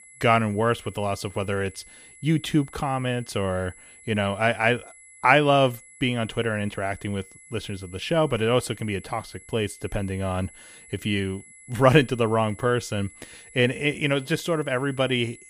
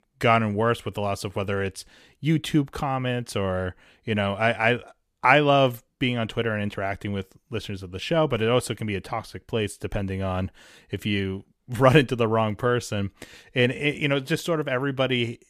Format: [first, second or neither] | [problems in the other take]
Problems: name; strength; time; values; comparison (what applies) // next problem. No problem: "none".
second | high-pitched whine; faint; throughout; 2 kHz, 20 dB below the speech